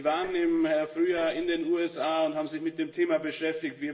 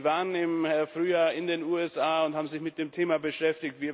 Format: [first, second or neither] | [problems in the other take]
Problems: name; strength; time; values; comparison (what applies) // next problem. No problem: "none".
second | noise reduction (neural separator model SepFormer DNS4)